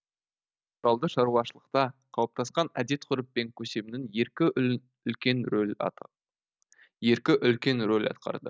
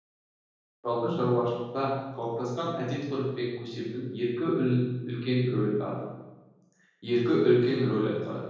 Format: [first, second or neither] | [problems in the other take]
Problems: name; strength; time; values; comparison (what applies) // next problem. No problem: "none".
first | room echo; dies away in 1.3 s